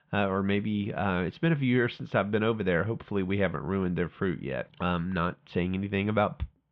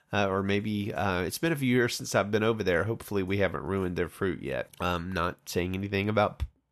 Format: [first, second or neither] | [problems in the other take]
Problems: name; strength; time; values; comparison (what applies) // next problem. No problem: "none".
second | muffled; very; fading above 3.5 kHz